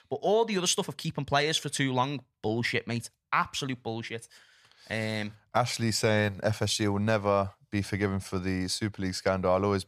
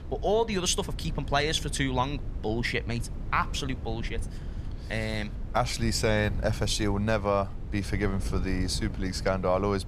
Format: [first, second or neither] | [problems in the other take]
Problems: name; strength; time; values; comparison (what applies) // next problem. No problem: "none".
first | wind noise on the microphone; occasional gusts; 20 dB below the speech